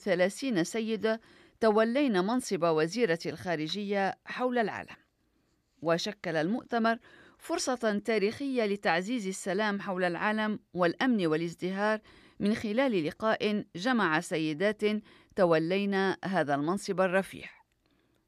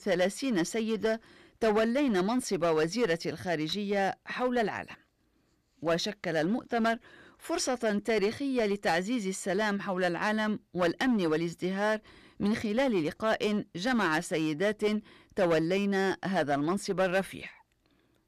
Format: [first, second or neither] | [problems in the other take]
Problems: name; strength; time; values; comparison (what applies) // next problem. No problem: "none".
first | distortion; slight; 6% of the sound clipped